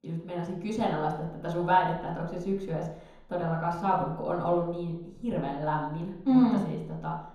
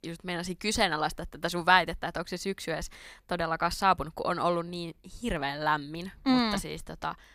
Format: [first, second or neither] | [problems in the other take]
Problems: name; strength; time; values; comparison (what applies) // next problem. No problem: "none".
second | room echo; noticeable; dies away in 3 s // off-mic speech; far